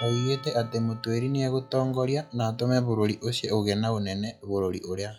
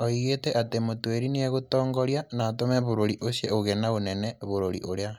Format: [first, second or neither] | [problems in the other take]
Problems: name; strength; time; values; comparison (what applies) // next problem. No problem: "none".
second | noise reduction (classical method log-MMSE)